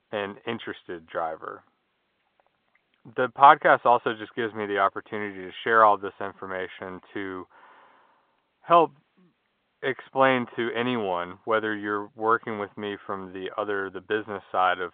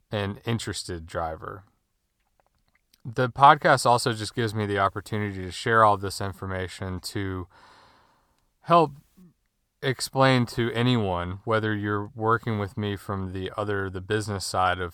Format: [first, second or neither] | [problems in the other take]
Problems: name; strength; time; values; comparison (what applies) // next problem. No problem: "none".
second | phone-call audio; nothing above 3.5 kHz